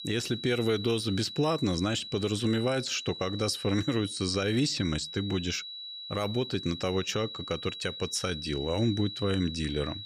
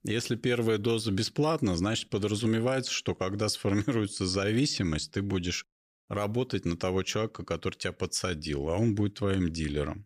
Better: second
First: high-pitched whine; loud; throughout; 4 kHz, 9 dB below the speech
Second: none

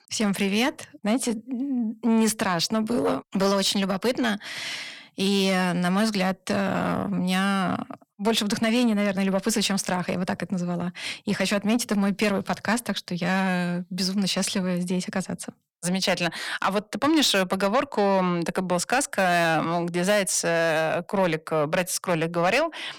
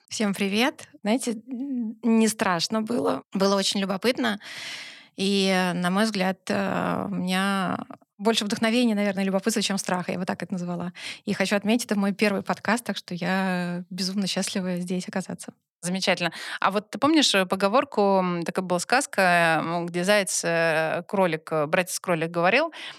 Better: second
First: distortion; slight; 10 dB below the speech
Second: none

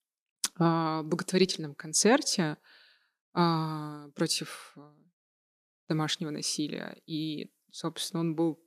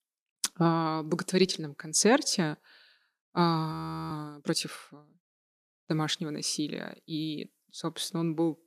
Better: first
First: none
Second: audio freezing; at 3.5 s

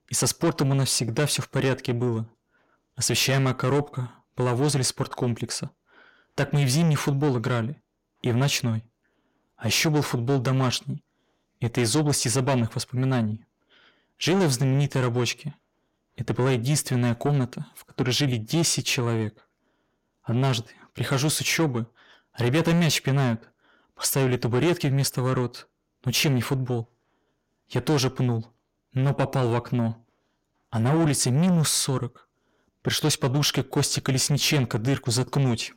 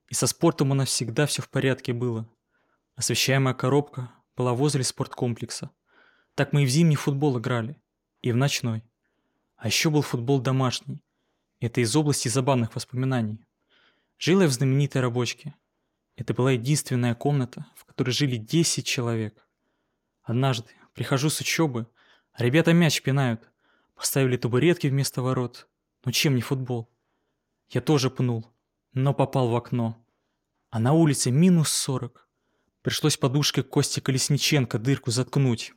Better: second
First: distortion; slight; 10 dB below the speech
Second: none

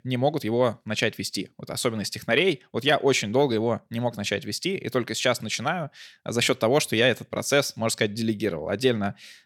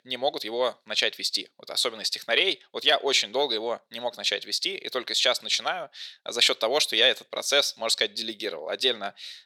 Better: first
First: none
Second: thin; somewhat; fading below 550 Hz

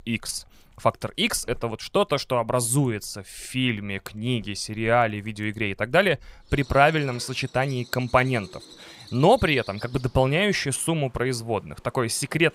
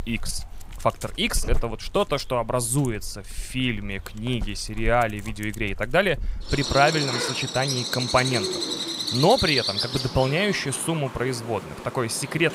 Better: first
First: animal sounds; faint; throughout; 25 dB below the speech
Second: animal sounds; loud; throughout; 4 dB below the speech

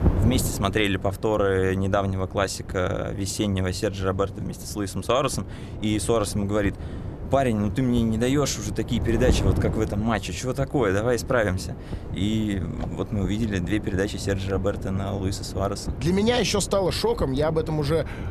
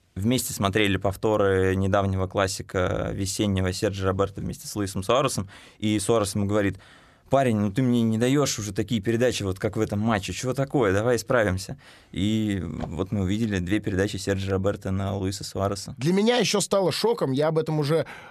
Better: second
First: wind noise on the microphone; occasional gusts; 15 dB below the speech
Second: none

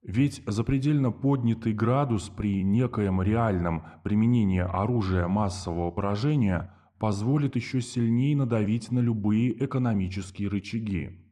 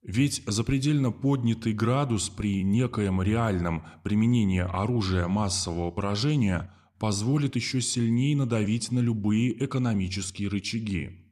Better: second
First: muffled; slightly; fading above 3 kHz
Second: none

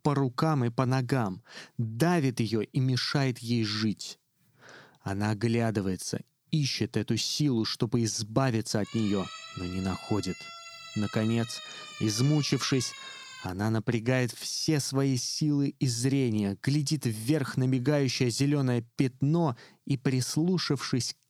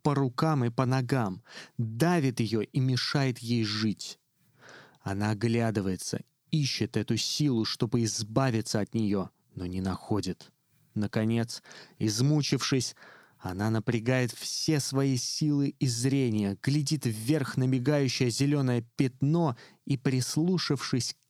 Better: second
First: siren; faint; from 9 to 13 s; peak 10 dB below the speech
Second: none

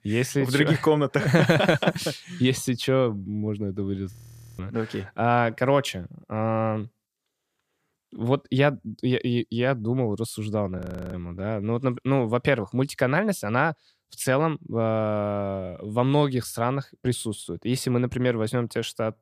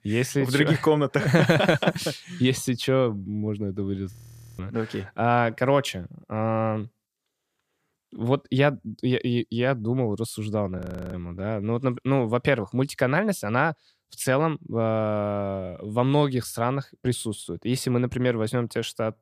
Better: neither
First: audio freezing; at 4 s and at 11 s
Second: audio freezing; at 4 s and at 11 s

